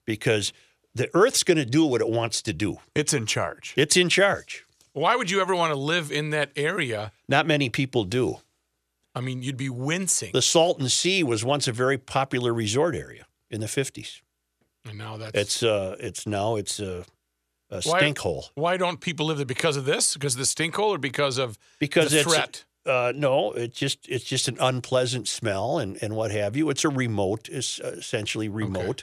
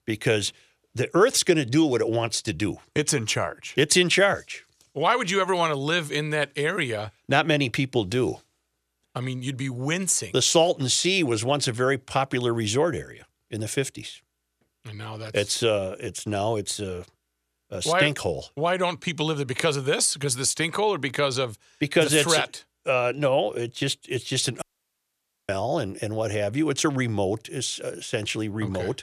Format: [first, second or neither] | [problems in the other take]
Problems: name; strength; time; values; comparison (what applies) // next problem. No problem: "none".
first | audio cutting out; at 25 s for 1 s